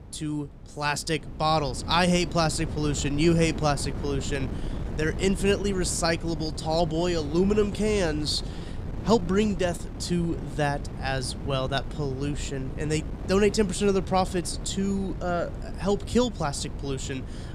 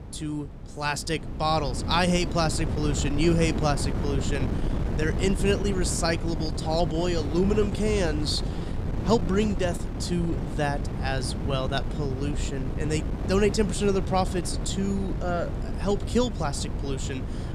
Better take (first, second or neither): first